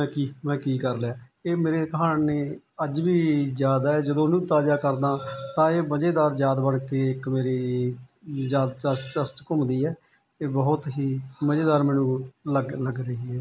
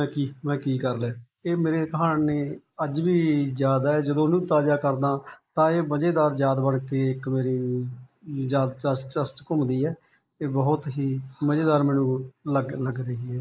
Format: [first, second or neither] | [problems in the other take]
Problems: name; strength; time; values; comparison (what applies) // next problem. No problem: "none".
first | noise reduction (neural mask model Resemble Enhance denoiser)